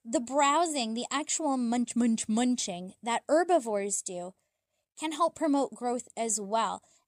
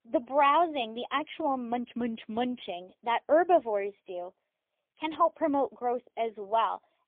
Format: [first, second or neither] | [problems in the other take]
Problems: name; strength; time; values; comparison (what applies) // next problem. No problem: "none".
first | phone-call audio; poor line; nothing above 3.5 kHz